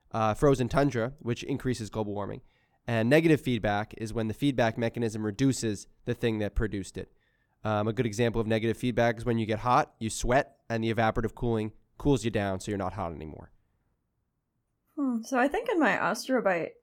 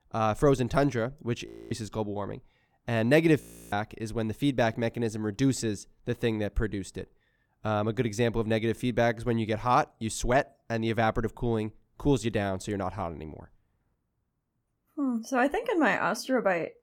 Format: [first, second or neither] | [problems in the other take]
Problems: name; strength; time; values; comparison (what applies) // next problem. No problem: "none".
first | audio freezing; at 1.5 s and at 3.5 s